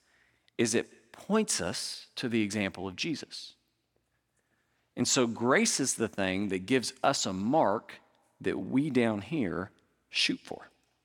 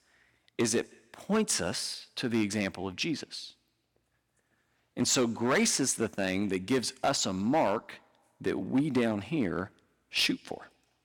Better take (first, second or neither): first